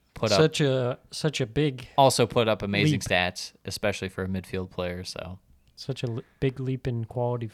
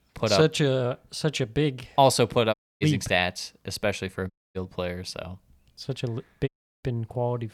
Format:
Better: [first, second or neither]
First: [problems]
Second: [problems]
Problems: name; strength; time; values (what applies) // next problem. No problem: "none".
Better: first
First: none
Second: audio cutting out; at 2.5 s, at 4.5 s and at 6.5 s